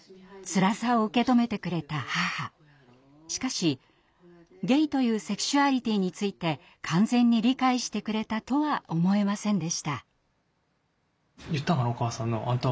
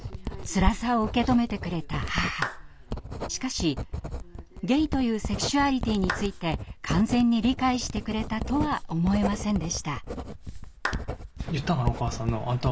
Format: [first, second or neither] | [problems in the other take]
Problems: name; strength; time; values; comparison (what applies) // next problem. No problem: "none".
first | background sound (Clapping + Writing); 5 dB below the speech